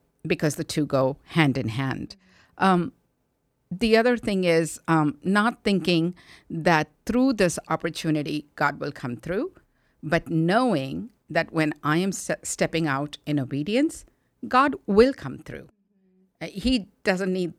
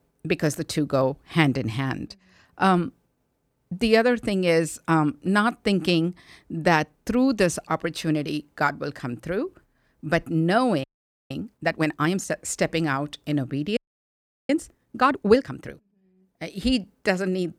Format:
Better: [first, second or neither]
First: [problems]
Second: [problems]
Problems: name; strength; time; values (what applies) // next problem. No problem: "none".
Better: first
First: none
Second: audio freezing; at 11 s and at 14 s for 0.5 s